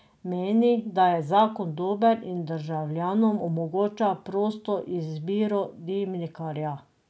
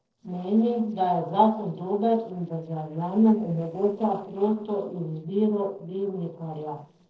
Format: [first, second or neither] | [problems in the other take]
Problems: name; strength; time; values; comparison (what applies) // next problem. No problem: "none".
first | noise reduction (neural separator model SepFormer DNS4)